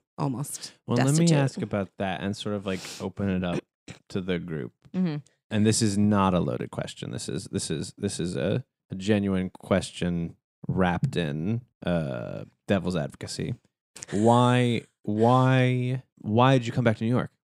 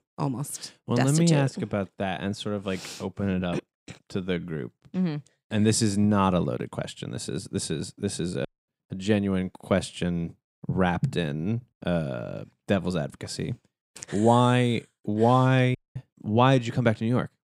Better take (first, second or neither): first